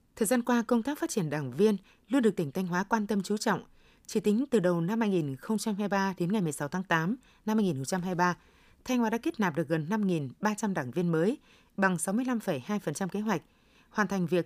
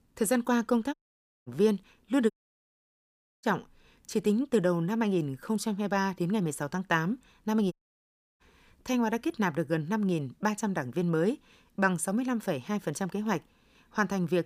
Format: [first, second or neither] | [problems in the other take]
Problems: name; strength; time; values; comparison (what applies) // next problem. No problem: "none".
first | audio cutting out; at 1 s for 0.5 s, at 2.5 s for 1 s and at 7.5 s for 0.5 s